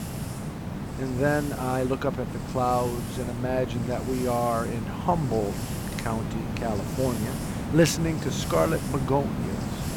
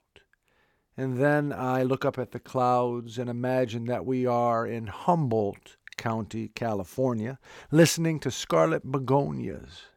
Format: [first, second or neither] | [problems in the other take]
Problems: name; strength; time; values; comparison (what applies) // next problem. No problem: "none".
second | hiss; loud; throughout; 5 dB below the speech